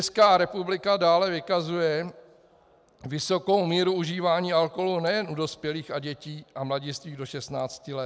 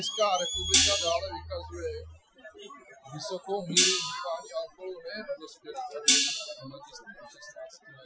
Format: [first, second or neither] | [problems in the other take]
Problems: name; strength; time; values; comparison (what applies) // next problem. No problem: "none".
first | noise reduction (classical method Wiener filter)